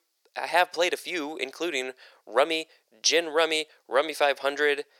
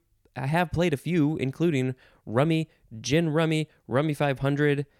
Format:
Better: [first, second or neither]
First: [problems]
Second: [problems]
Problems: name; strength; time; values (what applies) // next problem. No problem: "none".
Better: second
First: thin; very; fading below 450 Hz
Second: none